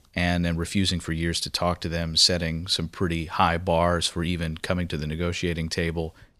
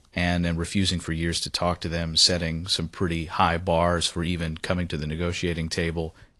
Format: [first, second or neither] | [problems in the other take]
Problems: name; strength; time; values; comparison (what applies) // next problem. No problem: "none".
first | garbled, watery; slightly; nothing above 11 kHz